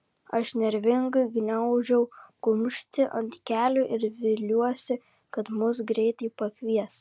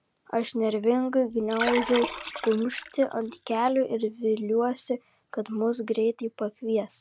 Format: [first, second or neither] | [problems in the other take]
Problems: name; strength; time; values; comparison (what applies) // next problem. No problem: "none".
first | background sound (Liquid); 8 dB below the speech